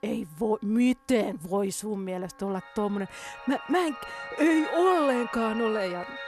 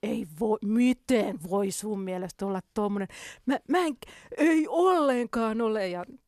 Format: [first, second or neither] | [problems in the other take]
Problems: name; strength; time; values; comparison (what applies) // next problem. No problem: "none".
second | background music; noticeable; throughout; 10 dB below the speech